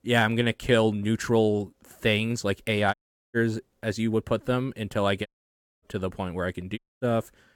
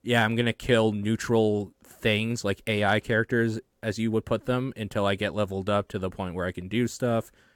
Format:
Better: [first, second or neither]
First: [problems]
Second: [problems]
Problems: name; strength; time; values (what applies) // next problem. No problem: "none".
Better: second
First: audio cutting out; at 3 s, at 5.5 s for 0.5 s and at 7 s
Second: none